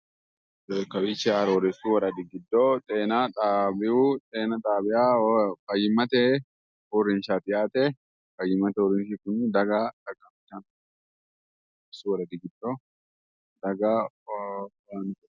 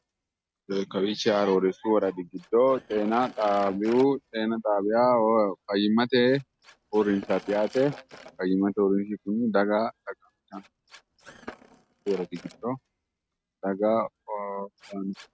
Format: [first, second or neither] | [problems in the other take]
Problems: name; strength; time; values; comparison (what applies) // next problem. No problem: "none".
first | noise reduction (neural mask model RNNoise)